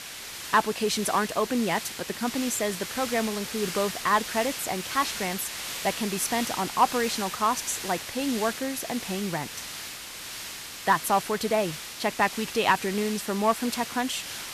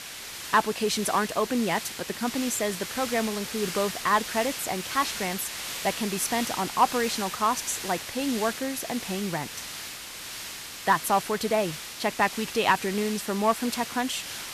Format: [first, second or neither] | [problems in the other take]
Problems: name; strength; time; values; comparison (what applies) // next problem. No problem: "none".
neither | hiss; loud; throughout; 7 dB below the speech; the same in both